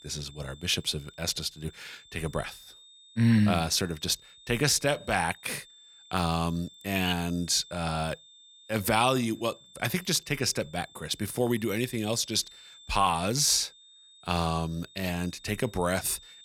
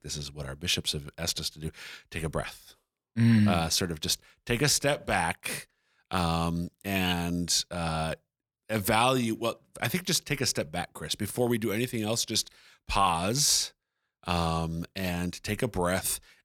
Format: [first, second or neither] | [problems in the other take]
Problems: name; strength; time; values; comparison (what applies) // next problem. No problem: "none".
second | high-pitched whine; faint; throughout; 3.5 kHz, 25 dB below the speech